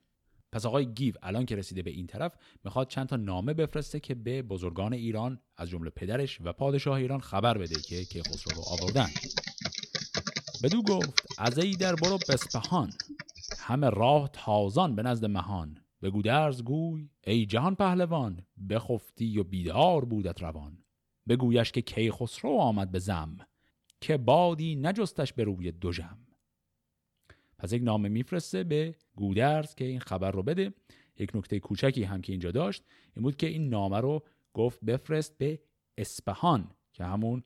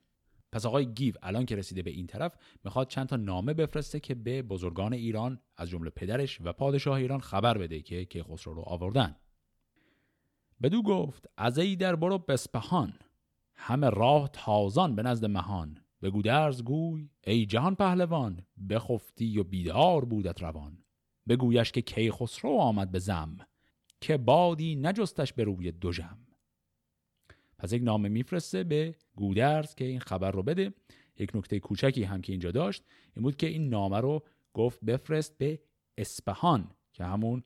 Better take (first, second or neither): second